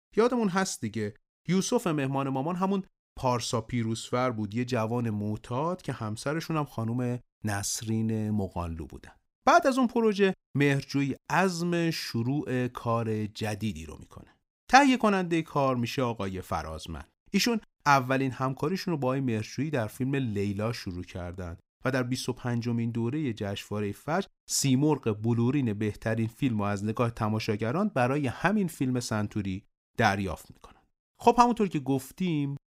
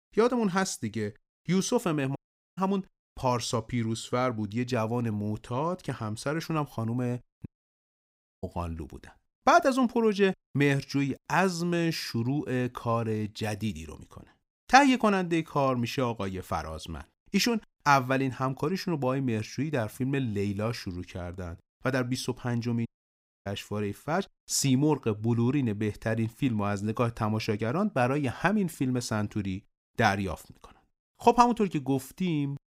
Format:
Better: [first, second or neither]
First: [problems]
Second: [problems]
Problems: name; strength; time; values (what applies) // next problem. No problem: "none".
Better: first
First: none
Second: audio cutting out; at 2 s, at 7.5 s for 1 s and at 23 s for 0.5 s